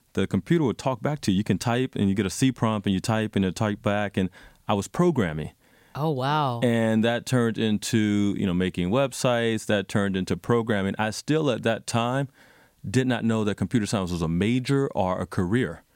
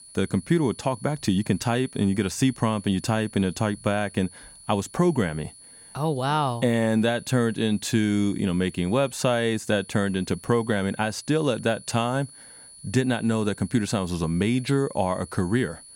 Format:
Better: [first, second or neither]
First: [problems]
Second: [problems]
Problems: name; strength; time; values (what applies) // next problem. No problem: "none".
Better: first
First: none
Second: high-pitched whine; noticeable; throughout; 10 kHz, 20 dB below the speech